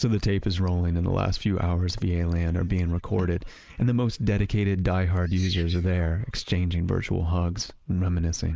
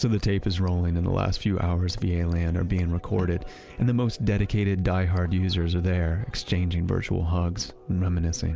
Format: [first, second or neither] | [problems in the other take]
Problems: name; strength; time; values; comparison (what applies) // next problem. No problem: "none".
second | noise reduction (neural mask model Resemble Enhance denoiser)